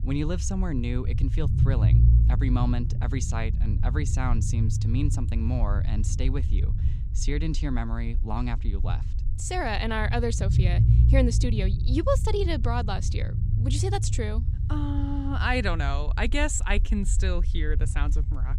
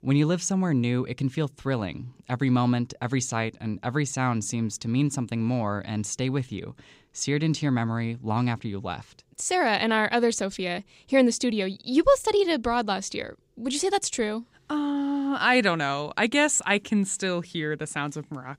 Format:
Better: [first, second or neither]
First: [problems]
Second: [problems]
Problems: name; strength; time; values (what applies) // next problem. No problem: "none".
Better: second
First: low rumble; loud; throughout; 10 dB below the speech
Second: none